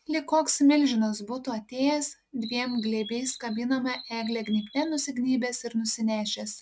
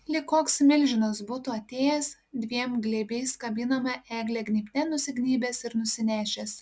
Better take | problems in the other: second | noise reduction (neural mask model RNNoise)

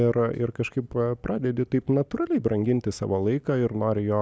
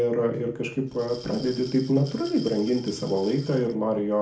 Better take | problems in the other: first | background sound (Glass); 20 dB below the speech // room echo; dies away in 0.4 s

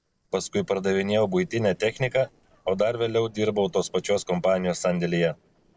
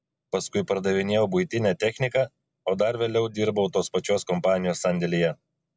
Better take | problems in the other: second | noise reduction (neural separator model SepFormer DNS4)

